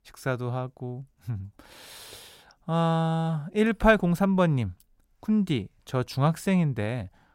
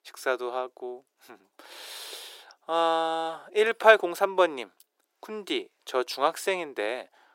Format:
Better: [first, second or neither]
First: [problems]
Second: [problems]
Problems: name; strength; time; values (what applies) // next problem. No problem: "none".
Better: first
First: none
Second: thin; very; fading below 350 Hz